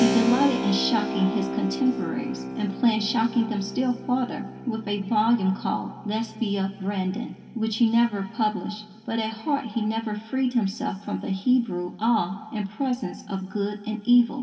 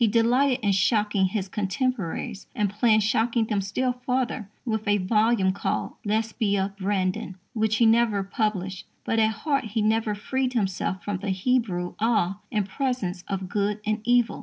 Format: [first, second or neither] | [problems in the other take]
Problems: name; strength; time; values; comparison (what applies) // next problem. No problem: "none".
second | background sound (Keyboard (musical)); 9 dB below the speech // room echo; dies away in 2.1 s